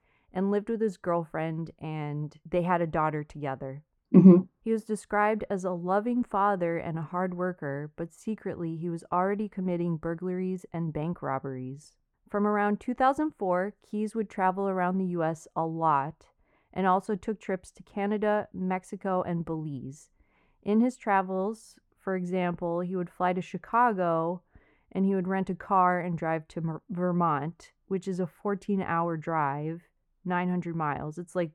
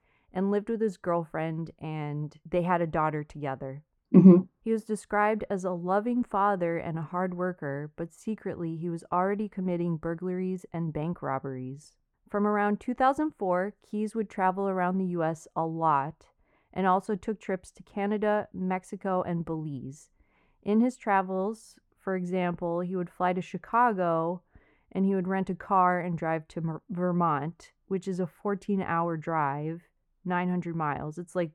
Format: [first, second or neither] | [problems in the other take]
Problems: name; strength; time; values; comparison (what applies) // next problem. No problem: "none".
neither | muffled; very; fading above 2.5 kHz; the same in both